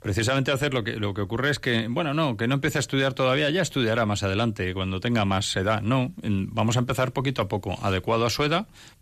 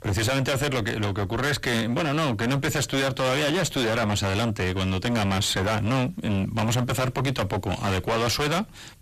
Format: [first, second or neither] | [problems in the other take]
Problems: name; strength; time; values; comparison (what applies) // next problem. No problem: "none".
first | distortion; heavy; 30% of the sound clipped